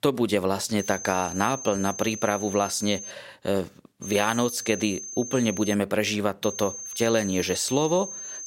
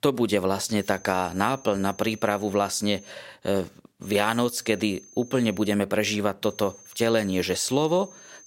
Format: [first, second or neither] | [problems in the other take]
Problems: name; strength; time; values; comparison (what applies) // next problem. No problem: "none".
second | high-pitched whine; loud; from 1 to 3 s, from 4 to 5.5 s and from 6.5 s on; 6.5 kHz, 9 dB below the speech; faint in the second